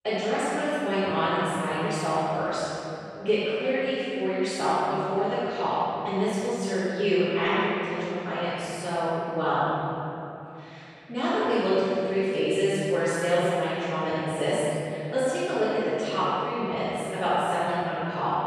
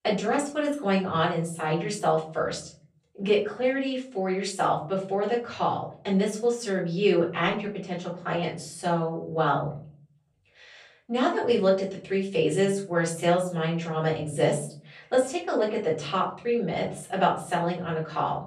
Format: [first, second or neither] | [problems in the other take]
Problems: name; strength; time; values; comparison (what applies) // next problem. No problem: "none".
second | room echo; strong; dies away in 3 s; slight in the second // off-mic speech; far; far in the second